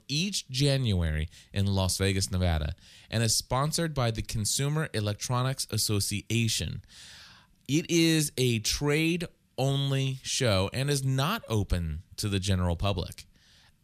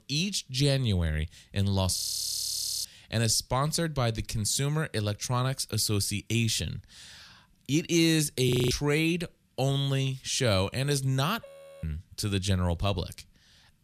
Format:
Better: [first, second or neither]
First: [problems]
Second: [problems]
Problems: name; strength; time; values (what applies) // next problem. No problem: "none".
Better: first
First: none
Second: audio freezing; at 2 s for 1 s, at 8.5 s and at 11 s